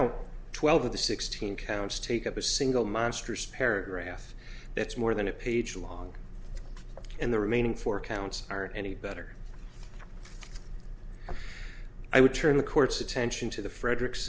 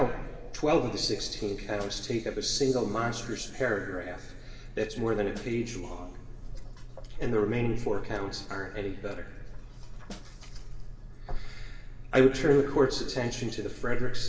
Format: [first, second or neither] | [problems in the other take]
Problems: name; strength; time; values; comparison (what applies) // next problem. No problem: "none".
first | background sound (Snare drum); 19 dB below the speech // room echo; dies away in 2.4 s